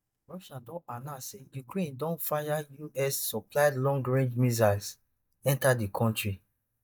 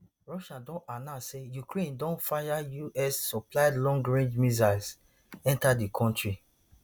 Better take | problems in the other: second | noise reduction (neural mask model DeepFilterNet 3)

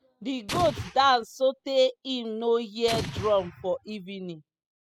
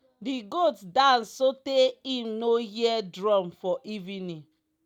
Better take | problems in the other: second | noise reduction (classical method spectral subtraction)

